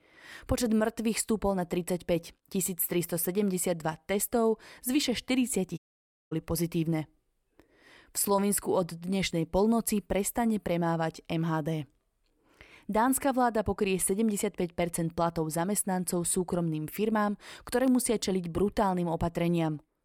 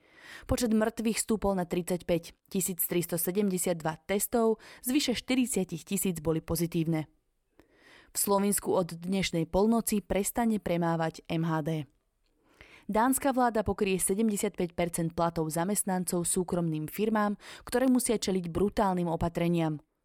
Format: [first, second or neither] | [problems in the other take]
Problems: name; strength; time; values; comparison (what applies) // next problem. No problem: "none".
second | audio cutting out; at 6 s for 0.5 s